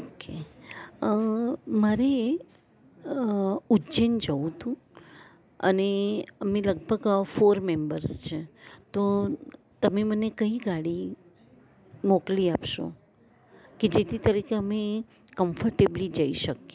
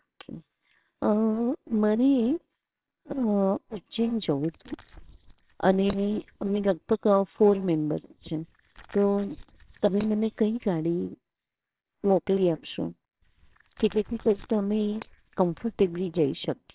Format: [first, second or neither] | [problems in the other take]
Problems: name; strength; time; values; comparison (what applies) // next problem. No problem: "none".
first | noise reduction (neural separator model SepFormer WHAMR!)